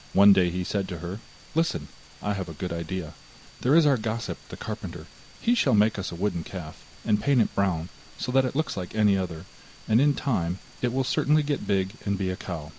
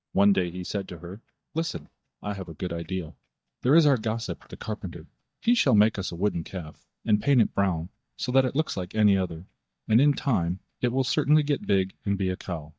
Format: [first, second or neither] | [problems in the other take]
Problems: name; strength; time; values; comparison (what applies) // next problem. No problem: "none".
first | noise reduction (neural mask model DeepFilterNet 3)